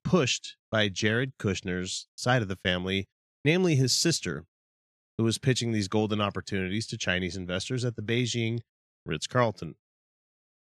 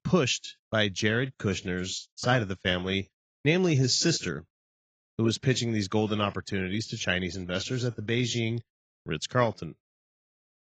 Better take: first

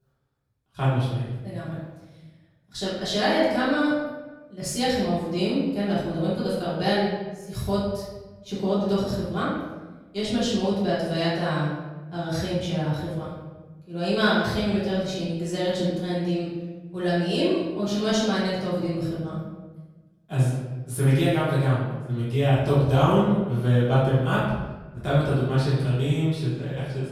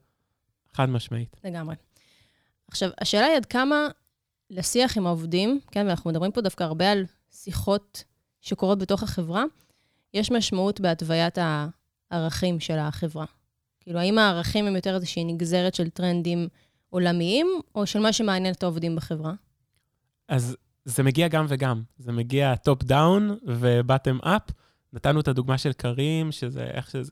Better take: second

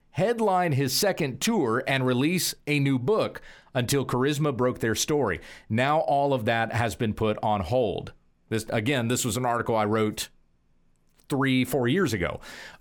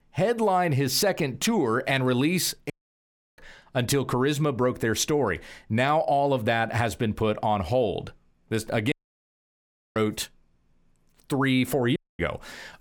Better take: first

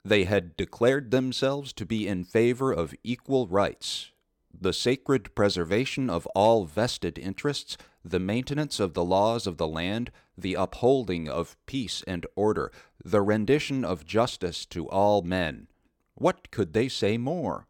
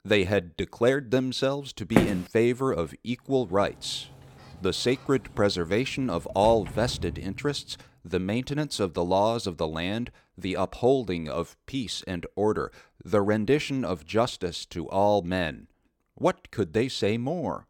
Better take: first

